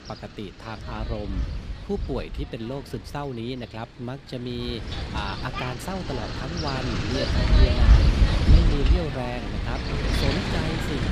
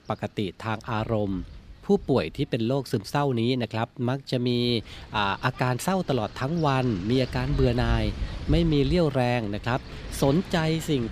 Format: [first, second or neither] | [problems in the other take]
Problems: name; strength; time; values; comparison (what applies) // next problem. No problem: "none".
second | wind noise on the microphone; heavy; 3 dB above the speech; occasional gusts in the second